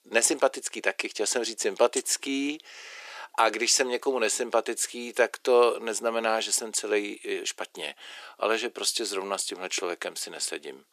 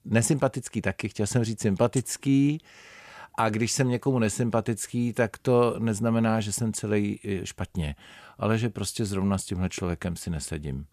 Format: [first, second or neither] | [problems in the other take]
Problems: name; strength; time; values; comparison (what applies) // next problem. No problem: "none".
second | thin; very; fading below 350 Hz